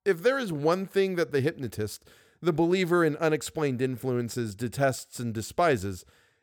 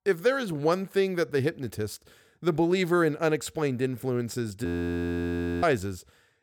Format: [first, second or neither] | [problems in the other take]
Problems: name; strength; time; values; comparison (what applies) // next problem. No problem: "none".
first | audio freezing; at 4.5 s for 1 s